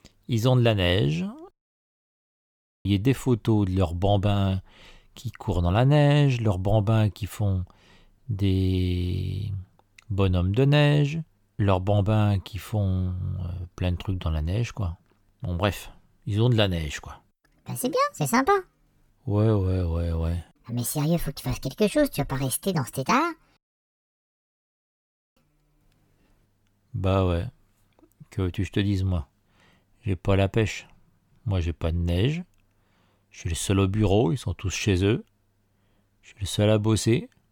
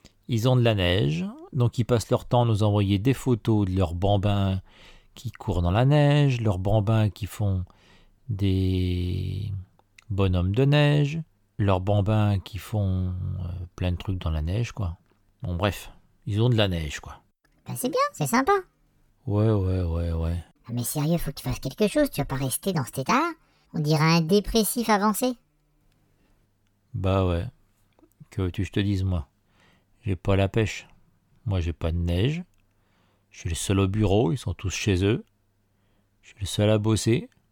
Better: second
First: audio cutting out; at 1.5 s for 1.5 s and at 24 s for 2 s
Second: none

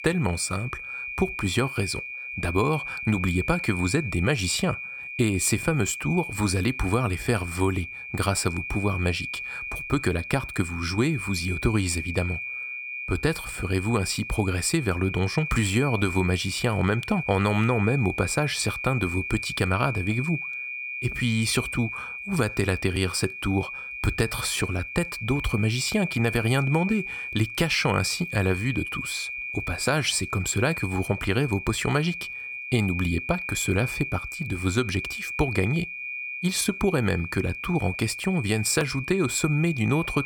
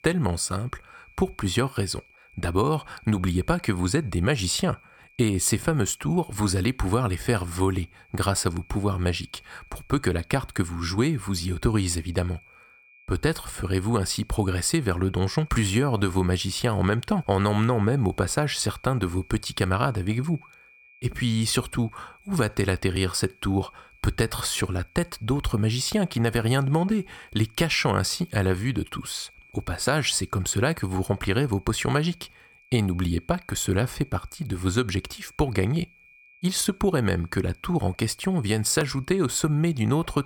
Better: second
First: high-pitched whine; loud; throughout; 2.5 kHz, 6 dB below the speech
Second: high-pitched whine; faint; throughout; 2.5 kHz, 30 dB below the speech

